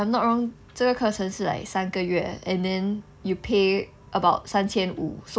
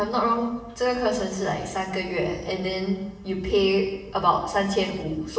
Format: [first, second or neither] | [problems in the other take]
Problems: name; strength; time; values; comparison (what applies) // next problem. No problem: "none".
first | room echo; dies away in 1 s